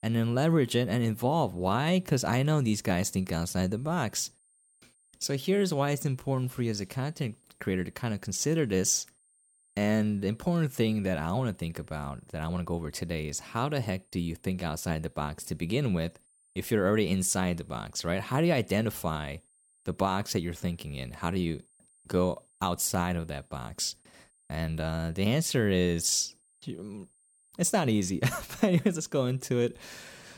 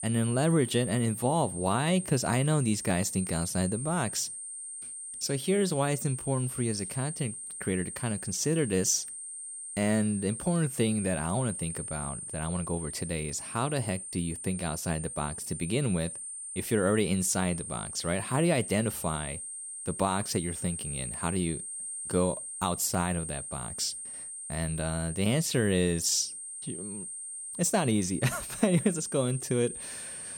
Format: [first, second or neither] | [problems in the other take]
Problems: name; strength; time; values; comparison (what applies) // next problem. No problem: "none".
first | high-pitched whine; loud; throughout; 9 kHz, 7 dB below the speech; faint in the first